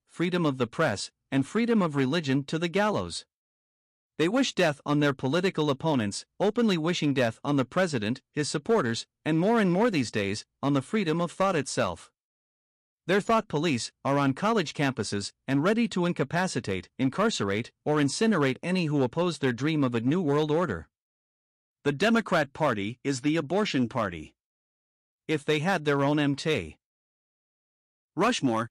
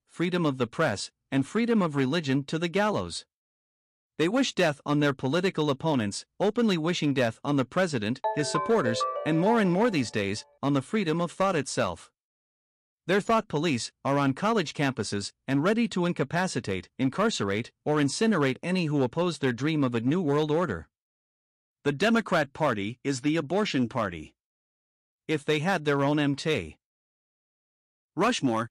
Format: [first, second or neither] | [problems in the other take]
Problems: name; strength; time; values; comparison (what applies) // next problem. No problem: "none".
first | phone ringing; noticeable; from 8 to 10 s; peak 3 dB below the speech